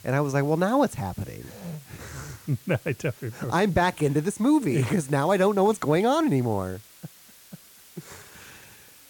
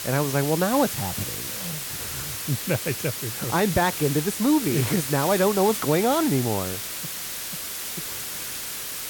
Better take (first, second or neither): first